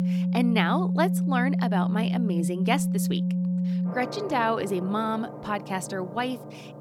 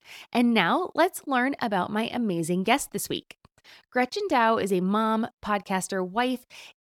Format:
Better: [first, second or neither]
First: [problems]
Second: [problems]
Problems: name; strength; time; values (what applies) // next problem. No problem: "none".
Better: second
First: background music; very loud; throughout; 2 dB above the speech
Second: none